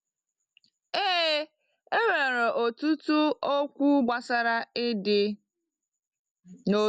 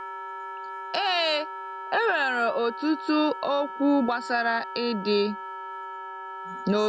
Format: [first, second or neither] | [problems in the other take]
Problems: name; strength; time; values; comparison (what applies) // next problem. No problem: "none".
first | background sound (Wind instrument, woodwind instrument); 9 dB below the speech